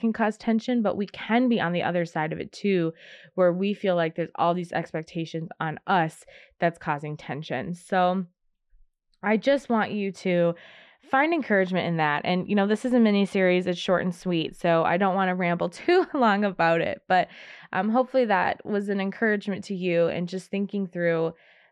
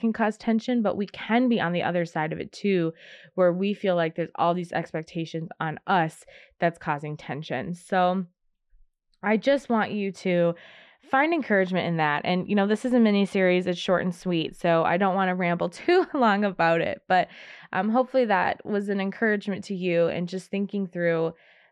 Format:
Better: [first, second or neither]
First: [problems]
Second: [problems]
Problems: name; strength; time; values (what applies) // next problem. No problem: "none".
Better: neither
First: muffled; slightly; fading above 3 kHz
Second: muffled; slightly; fading above 3 kHz